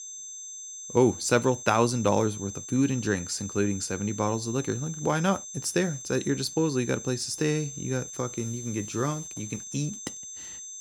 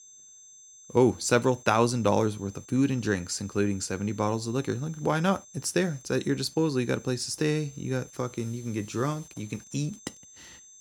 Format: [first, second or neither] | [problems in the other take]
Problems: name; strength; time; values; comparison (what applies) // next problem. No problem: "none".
second | high-pitched whine; loud; throughout; 6 kHz, 10 dB below the speech; faint in the second